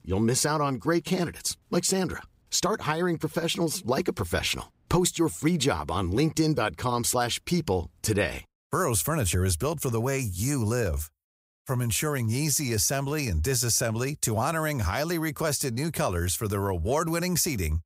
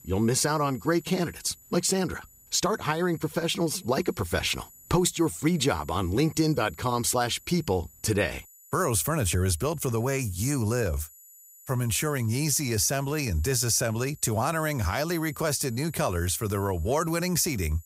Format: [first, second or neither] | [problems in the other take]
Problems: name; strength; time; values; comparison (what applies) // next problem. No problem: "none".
first | high-pitched whine; faint; throughout; 11.5 kHz, 25 dB below the speech